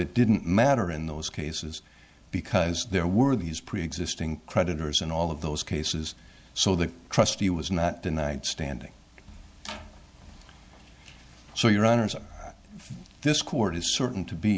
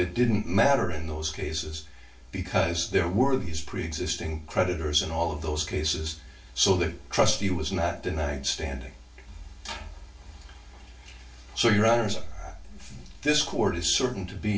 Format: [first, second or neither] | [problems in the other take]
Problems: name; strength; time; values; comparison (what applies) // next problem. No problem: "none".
first | room echo; dies away in 0.3 s